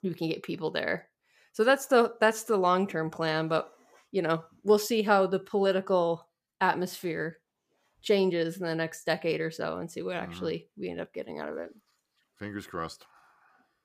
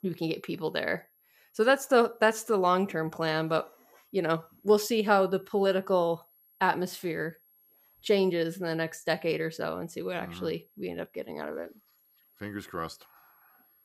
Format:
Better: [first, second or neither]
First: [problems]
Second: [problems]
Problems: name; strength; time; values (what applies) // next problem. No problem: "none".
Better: first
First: none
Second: high-pitched whine; faint; throughout; 11.5 kHz, 35 dB below the speech